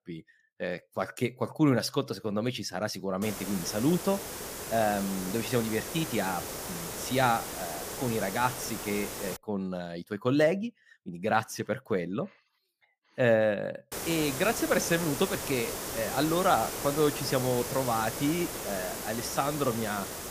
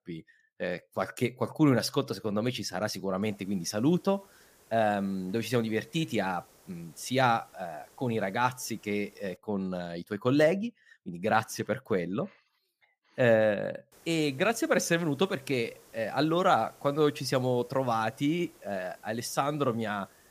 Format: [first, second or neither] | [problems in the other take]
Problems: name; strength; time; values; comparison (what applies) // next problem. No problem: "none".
second | hiss; loud; from 3 to 9.5 s and from 14 s on; 6 dB below the speech; faint in the second